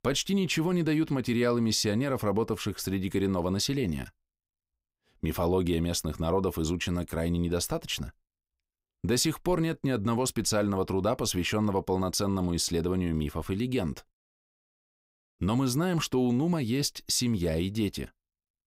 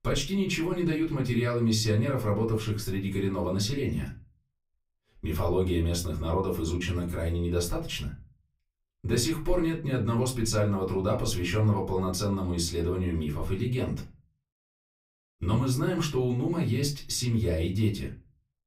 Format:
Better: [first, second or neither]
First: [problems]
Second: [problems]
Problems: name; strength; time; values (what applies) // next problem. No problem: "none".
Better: first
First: none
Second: off-mic speech; far // room echo; very slight; dies away in 0.3 s